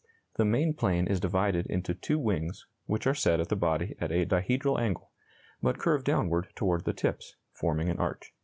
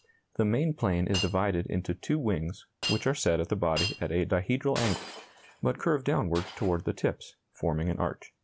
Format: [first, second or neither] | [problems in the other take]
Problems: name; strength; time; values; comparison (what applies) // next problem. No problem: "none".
first | background sound (Shatter); 13 dB below the speech